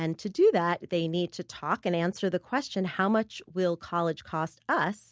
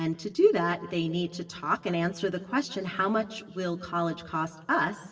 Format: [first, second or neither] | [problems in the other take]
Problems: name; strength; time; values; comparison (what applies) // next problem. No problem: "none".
first | room echo; dies away in 2.3 s